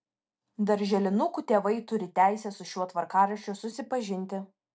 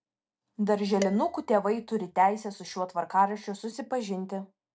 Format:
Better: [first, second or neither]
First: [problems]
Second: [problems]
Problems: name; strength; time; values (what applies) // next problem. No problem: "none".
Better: first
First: none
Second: background sound (Dishes, pots, and pans); 14 dB below the speech